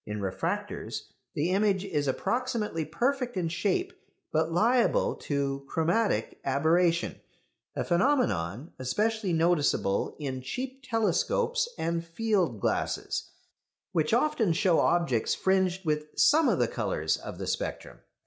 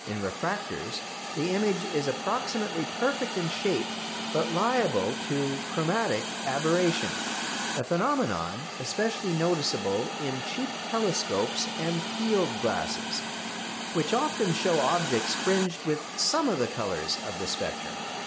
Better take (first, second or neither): first